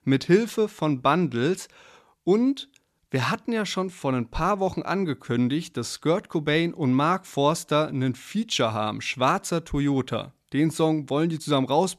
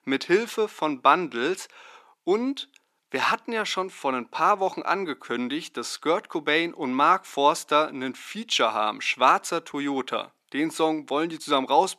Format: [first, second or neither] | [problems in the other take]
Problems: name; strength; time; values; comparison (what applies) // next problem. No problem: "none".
first | thin; somewhat; fading below 300 Hz